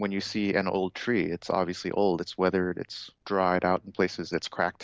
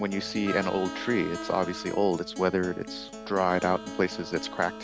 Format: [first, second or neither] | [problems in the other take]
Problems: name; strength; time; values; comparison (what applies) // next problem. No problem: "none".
first | background sound (Vehicle horn, car horn, honking + Acoustic guitar); 11 dB below the speech